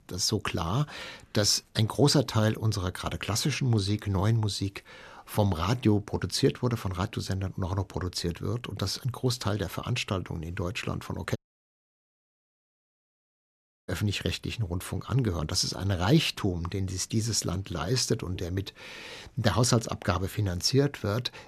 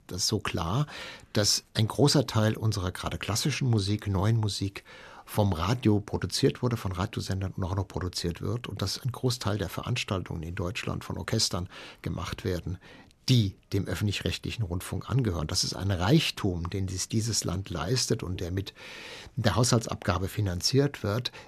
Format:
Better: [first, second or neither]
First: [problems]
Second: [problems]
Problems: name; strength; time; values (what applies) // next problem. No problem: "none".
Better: second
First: audio cutting out; at 11 s for 2.5 s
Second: none